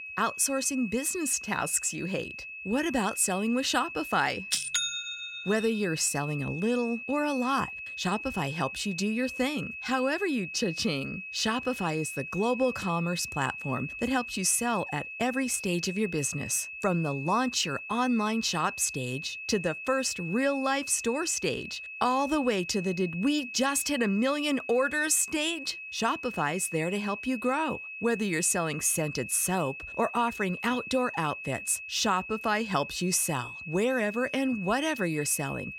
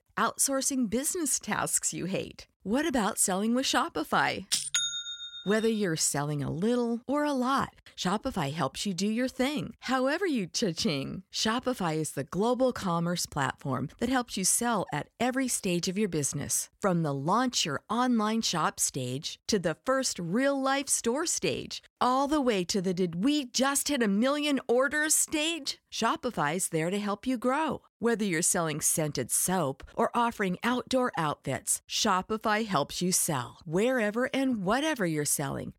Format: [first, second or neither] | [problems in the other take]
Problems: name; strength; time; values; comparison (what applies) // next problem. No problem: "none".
second | high-pitched whine; loud; throughout; 2.5 kHz, 9 dB below the speech